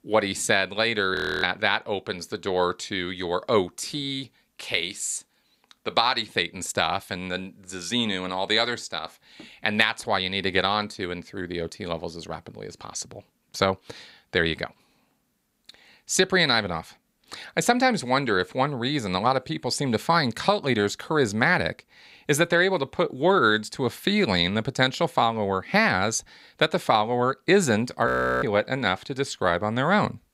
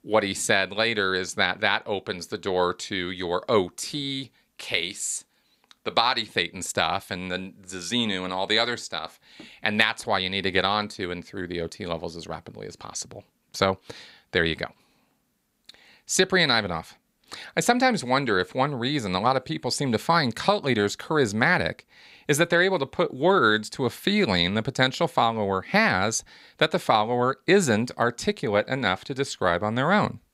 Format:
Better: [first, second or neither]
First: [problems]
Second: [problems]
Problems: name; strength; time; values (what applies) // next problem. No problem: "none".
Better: second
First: audio freezing; at 1 s and at 28 s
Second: none